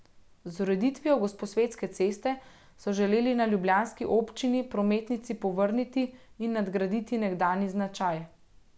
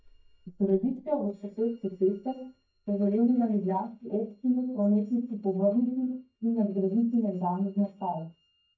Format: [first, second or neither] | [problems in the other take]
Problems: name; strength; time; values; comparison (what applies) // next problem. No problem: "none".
first | noise reduction (neural mask model DeepFilterNet 3)